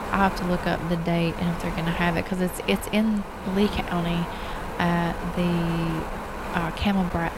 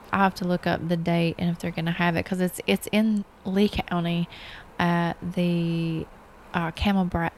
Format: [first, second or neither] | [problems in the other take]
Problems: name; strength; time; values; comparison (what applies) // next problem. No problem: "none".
second | wind noise on the microphone; heavy; 4 dB below the speech; occasional gusts in the second